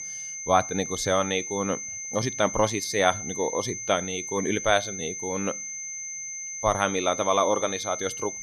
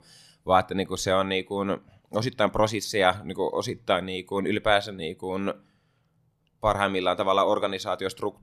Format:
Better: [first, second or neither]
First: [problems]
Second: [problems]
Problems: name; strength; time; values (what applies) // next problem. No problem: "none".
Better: second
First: high-pitched whine; loud; throughout; 6 kHz, 6 dB below the speech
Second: none